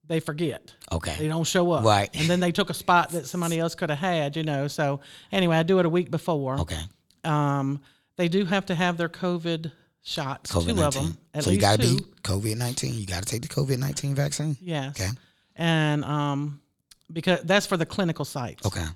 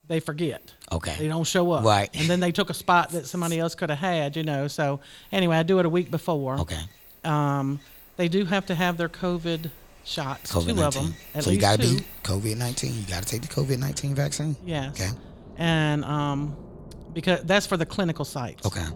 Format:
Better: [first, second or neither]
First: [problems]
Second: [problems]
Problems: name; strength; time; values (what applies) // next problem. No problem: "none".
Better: first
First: none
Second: rain or running water; faint; throughout; 20 dB below the speech